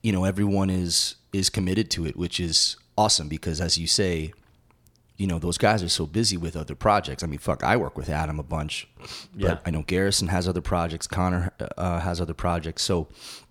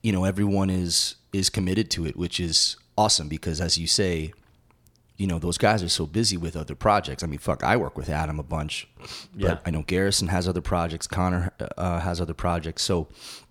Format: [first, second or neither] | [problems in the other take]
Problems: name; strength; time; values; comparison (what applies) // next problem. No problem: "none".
neither | none